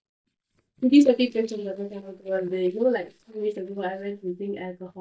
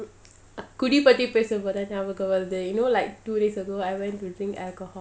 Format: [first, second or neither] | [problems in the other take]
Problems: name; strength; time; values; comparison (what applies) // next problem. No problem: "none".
second | noise reduction (neural mask model DeepFilterNet 3)